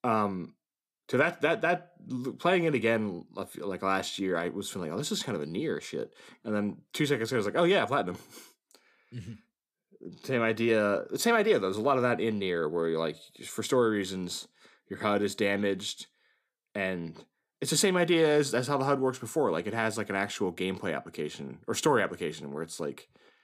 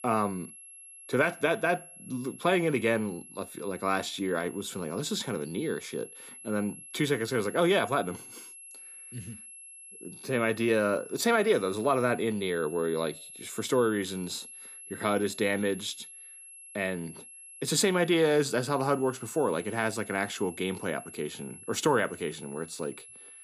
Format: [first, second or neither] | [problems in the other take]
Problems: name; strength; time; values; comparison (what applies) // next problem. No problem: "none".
first | high-pitched whine; noticeable; throughout; 11 kHz, 15 dB below the speech